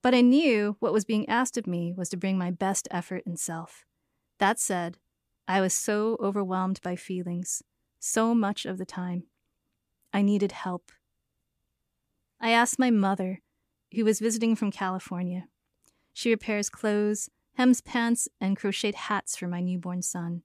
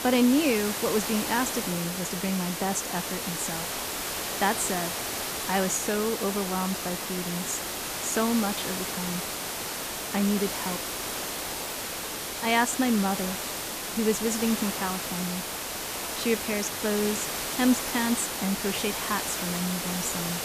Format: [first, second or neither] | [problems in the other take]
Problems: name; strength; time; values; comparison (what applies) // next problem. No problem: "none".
first | hiss; loud; throughout; 2 dB below the speech